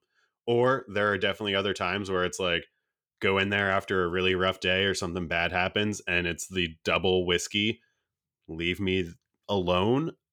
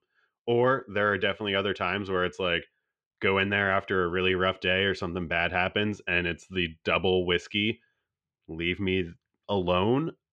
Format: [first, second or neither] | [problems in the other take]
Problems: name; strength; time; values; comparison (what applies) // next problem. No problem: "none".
first | muffled; slightly; fading above 2.5 kHz